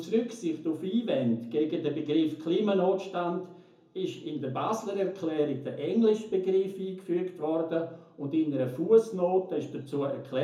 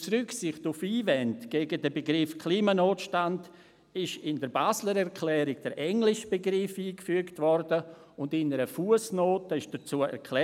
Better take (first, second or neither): second